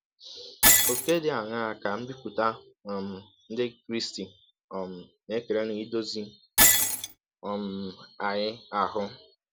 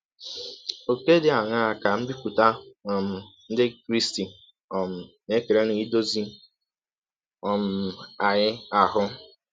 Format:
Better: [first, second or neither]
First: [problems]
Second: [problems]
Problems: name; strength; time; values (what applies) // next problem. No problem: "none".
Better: second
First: background sound (Shatter); 2 dB above the speech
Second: none